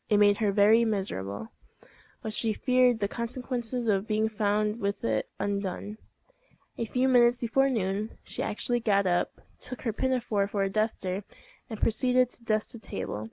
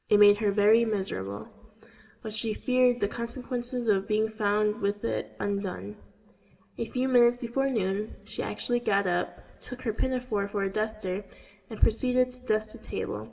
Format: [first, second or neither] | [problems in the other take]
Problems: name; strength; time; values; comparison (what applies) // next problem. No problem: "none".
first | room echo; dies away in 1.5 s